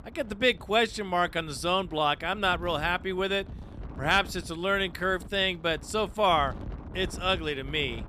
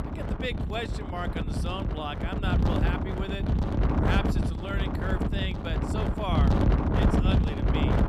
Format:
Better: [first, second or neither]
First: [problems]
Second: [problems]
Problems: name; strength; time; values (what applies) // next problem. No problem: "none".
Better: first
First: wind noise on the microphone; occasional gusts; 25 dB below the speech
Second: wind noise on the microphone; heavy; 1 dB above the speech